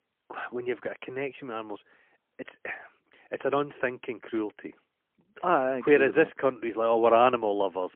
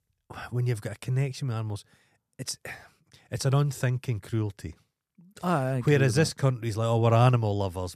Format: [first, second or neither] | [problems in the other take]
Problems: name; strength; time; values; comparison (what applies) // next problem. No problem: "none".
second | phone-call audio; poor line